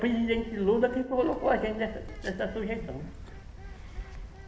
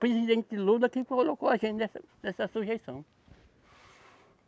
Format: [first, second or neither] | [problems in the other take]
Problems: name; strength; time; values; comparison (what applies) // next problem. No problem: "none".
second | background sound (Bird); 12 dB below the speech // room echo; dies away in 1.1 s